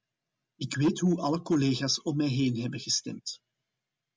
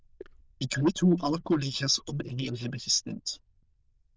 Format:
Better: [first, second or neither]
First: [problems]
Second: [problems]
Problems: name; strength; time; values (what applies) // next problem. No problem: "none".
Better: first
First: none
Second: noise reduction (neural diffusion model UNIVERSE++)